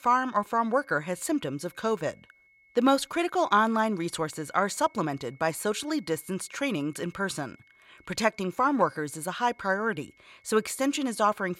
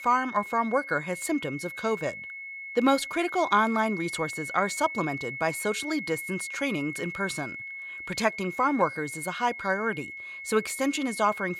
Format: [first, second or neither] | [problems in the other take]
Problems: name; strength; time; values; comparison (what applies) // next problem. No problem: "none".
first | high-pitched whine; loud; throughout; 2 kHz, 8 dB below the speech; faint in the first